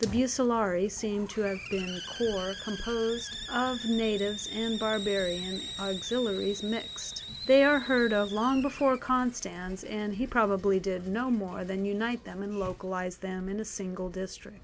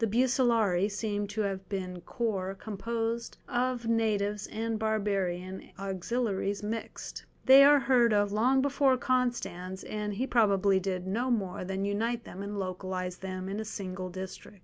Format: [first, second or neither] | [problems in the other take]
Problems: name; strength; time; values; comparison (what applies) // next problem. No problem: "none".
second | background sound (Hiss); 12 dB below the speech